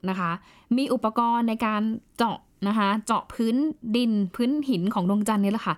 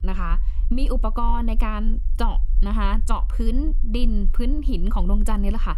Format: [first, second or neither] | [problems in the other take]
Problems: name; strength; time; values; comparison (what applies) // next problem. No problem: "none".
first | low rumble; faint; throughout; 20 dB below the speech